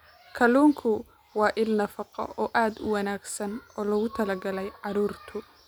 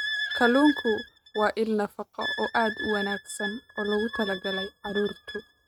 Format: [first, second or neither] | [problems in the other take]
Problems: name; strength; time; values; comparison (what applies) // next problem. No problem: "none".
first | noise reduction (neural mask model RNNoise)